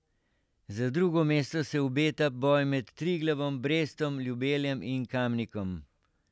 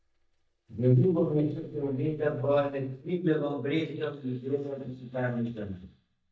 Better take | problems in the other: first | noise reduction (neural mask model DeepFilterNet 3)

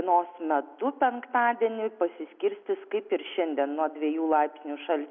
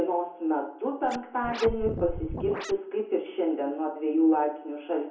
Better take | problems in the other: first | background sound (Scratching (performance technique)); 7 dB below the speech // room echo; dies away in 0.6 s

